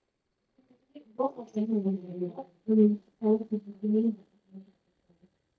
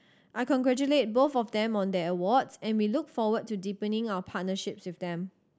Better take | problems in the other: second | noise reduction (neural mask model DeepFilterNet 3)

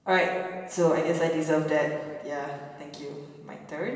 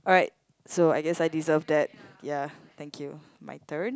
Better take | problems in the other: second | room echo; dies away in 1.3 s

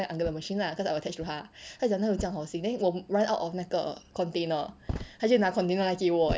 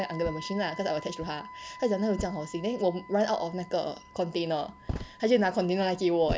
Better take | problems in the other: first | background sound (Wind instrument, woodwind instrument); 18 dB below the speech

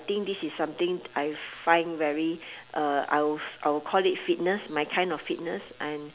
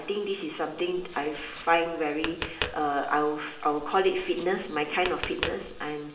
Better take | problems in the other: first | background sound (Tap); 10 dB below the speech // room echo; dies away in 1.6 s

